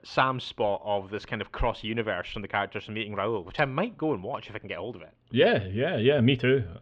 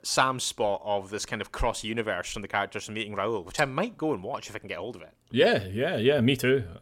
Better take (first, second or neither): second